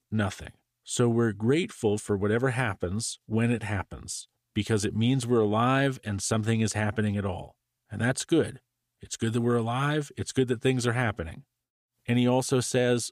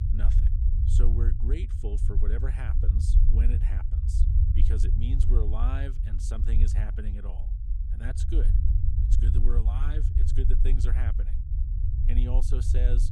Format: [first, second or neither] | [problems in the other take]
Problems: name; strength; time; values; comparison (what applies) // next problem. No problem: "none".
first | low rumble; loud; throughout; 2 dB below the speech